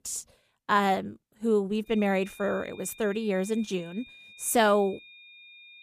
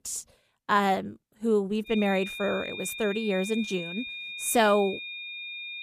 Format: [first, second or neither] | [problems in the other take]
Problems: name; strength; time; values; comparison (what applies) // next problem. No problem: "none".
first | high-pitched whine; loud; from 2 s on; 2.5 kHz, 8 dB below the speech; faint in the first